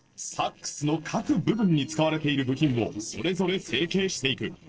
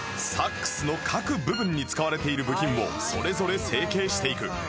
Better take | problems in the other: second | noise reduction (neural separator model SepFormer DNS4)

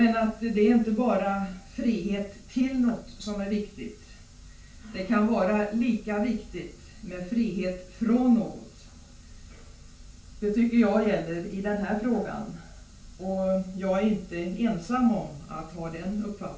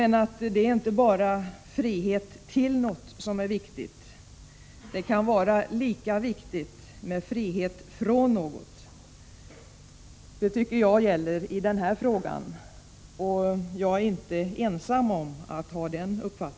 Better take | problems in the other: second | room echo; dies away in 0.3 s

